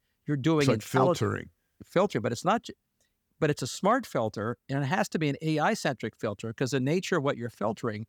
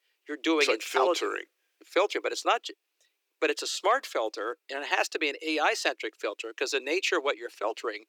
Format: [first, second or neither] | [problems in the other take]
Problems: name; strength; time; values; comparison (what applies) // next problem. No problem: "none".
first | thin; very; fading below 300 Hz